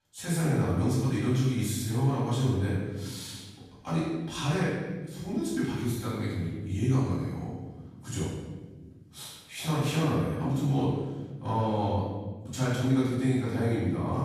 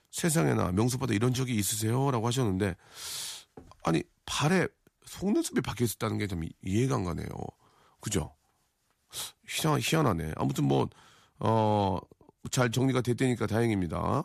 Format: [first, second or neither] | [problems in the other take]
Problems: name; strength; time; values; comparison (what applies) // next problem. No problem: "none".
second | off-mic speech; far // room echo; strong; dies away in 1.3 s